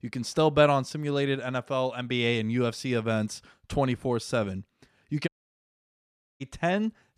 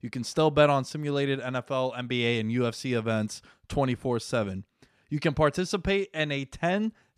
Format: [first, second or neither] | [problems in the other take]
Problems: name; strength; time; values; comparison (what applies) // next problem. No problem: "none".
second | audio cutting out; at 5.5 s for 1 s